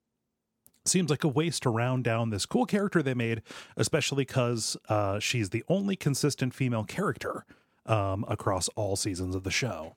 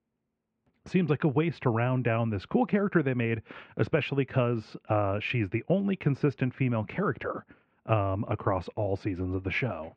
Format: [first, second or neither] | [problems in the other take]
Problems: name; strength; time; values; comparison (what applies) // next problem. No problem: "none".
first | muffled; very; fading above 2.5 kHz